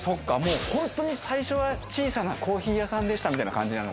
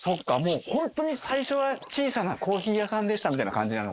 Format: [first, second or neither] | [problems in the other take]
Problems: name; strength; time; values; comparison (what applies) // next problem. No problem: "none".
first | noise reduction (neural mask model Resemble Enhance denoiser)